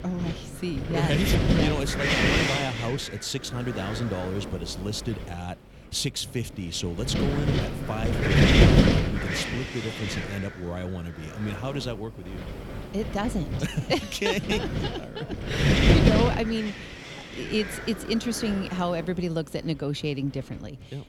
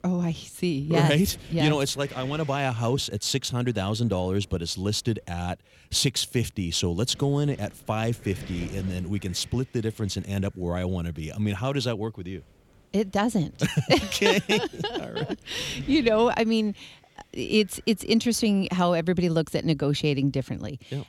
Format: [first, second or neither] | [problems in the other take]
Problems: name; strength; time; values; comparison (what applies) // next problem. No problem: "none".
second | wind noise on the microphone; heavy; 3 dB above the speech; occasional gusts in the second